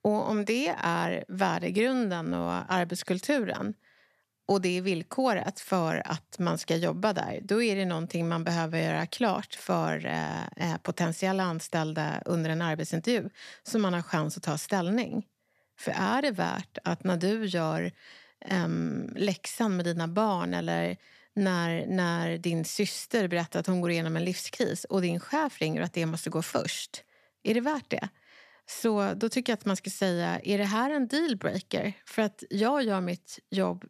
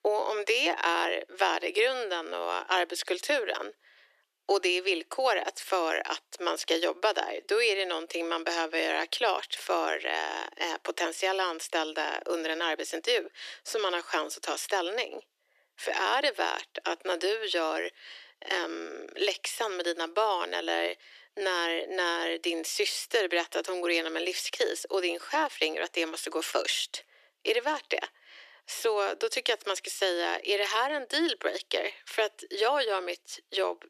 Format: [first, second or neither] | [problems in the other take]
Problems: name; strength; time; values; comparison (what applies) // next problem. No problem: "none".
first | thin; very; fading below 350 Hz